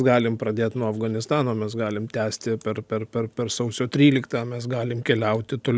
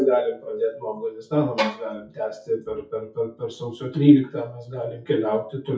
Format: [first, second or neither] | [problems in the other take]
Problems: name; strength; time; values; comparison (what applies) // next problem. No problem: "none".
first | noise reduction (classical method WPE with log-MMSE)